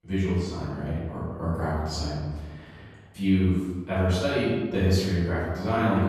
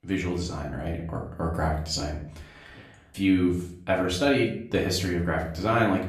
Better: second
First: room echo; strong; dies away in 1.4 s // off-mic speech; far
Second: room echo; slight; dies away in 0.5 s // off-mic speech; far

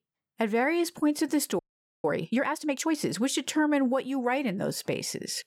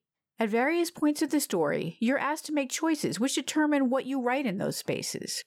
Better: second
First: audio freezing; at 1.5 s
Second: none

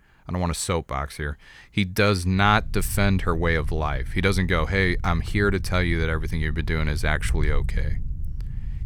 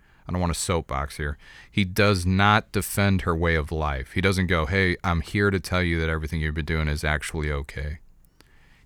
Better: second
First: low rumble; faint; from 2.5 s on; 25 dB below the speech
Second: none

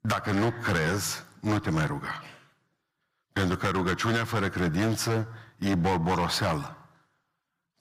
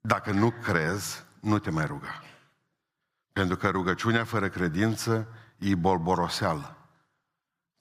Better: second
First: distortion; heavy; 10% of the sound clipped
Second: none

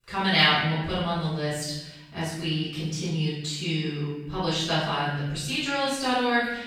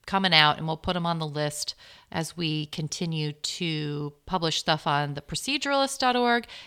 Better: second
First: off-mic speech; far // room echo; strong; dies away in 0.9 s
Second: none

